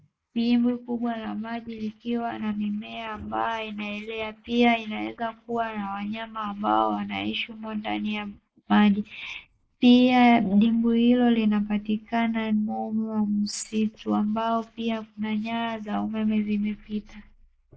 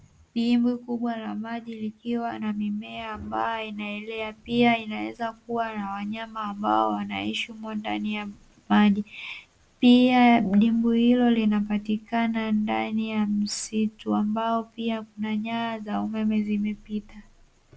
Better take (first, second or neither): second